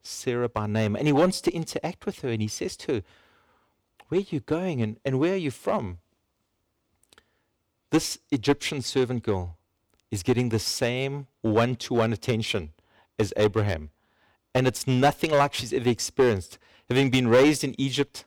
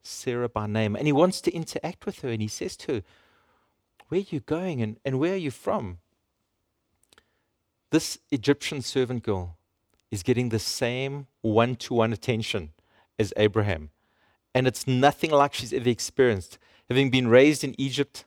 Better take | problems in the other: second | distortion; slight; 2% of the sound clipped

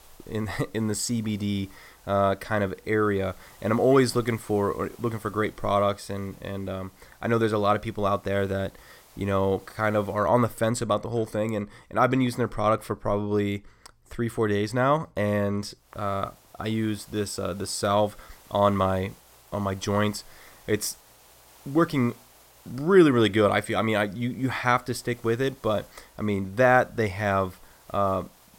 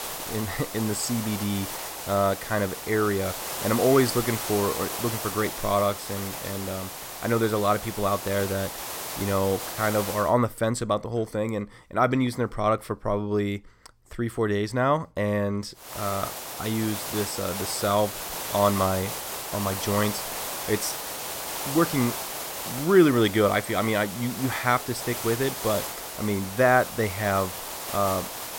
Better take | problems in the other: first | hiss; loud; until 10 s and from 16 s on; 6 dB below the speech; faint in the first

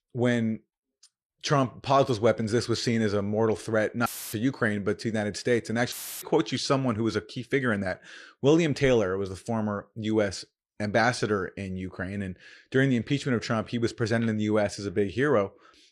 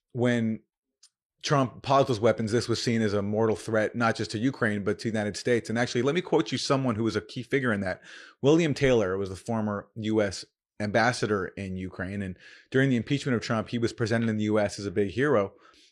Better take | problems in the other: second | audio cutting out; filled with static; at 4 s and at 6 s

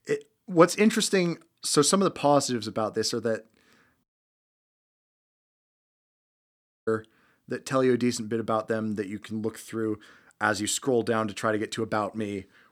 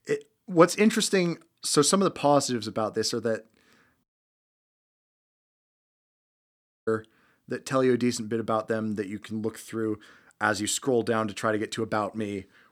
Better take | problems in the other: neither | audio cutting out; at 4 s for 3 s; the same in both

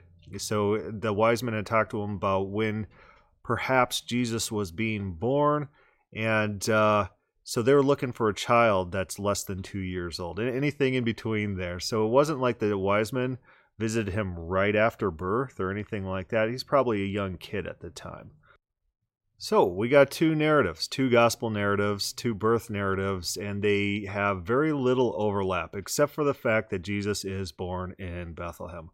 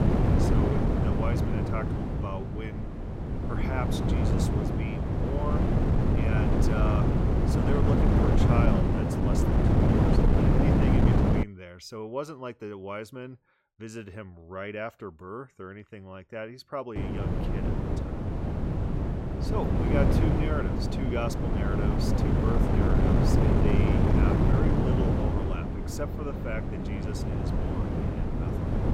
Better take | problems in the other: first | wind noise on the microphone; heavy; until 11 s and from 17 s on; 5 dB above the speech

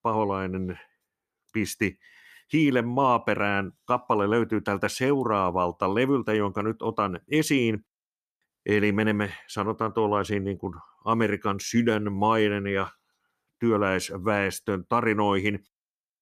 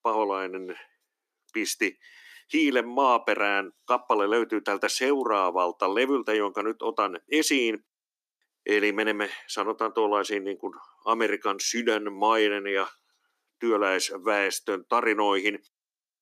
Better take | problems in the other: first | thin; somewhat; fading below 300 Hz

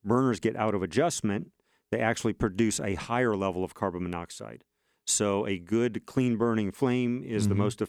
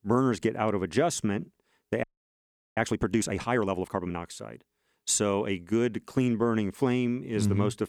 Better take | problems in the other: first | audio freezing; at 2 s for 0.5 s

